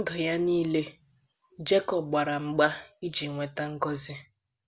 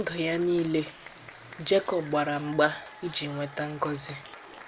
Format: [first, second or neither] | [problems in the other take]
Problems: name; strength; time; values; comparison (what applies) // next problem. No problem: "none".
first | background sound (Applause / Crowd); 17 dB below the speech